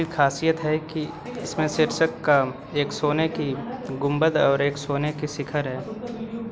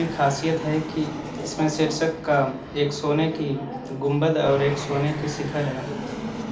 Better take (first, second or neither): first